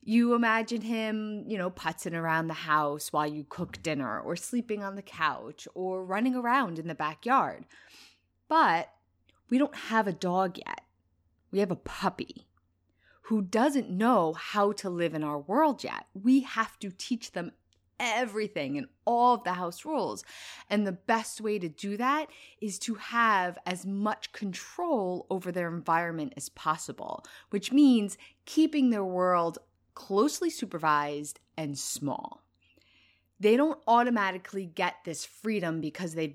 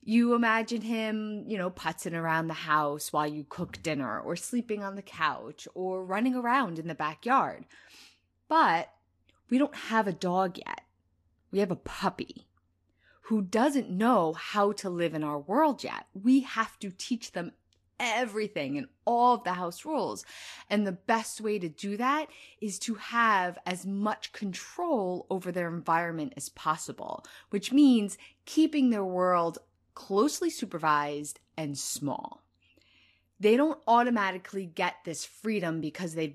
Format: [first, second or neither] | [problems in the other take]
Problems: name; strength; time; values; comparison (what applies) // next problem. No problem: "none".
first | garbled, watery; slightly; nothing above 12.5 kHz